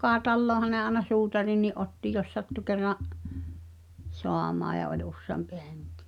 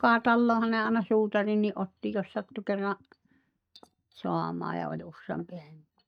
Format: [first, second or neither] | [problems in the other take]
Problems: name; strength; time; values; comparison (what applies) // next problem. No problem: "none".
first | noise reduction (neural mask model DeepFilterNet 3)